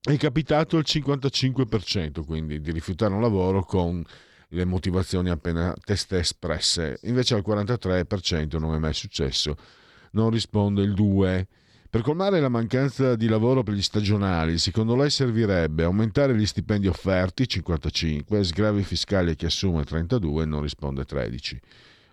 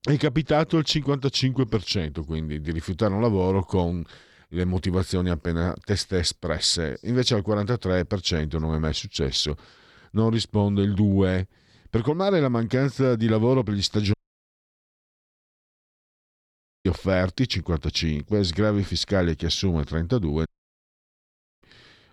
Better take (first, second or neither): first